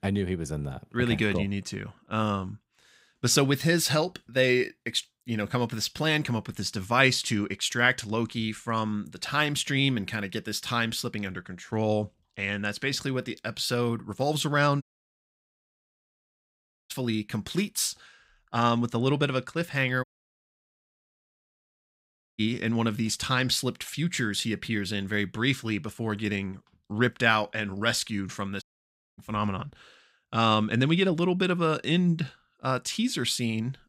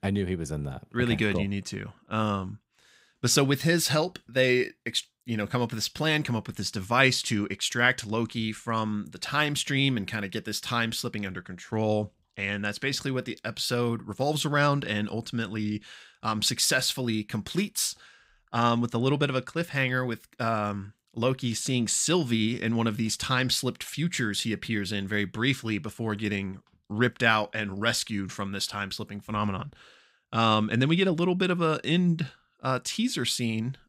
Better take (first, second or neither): second